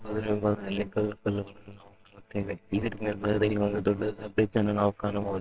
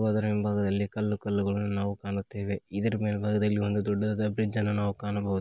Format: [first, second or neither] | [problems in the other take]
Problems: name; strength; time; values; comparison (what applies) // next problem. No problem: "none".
second | noise reduction (neural separator model SepFormer WHAMR!)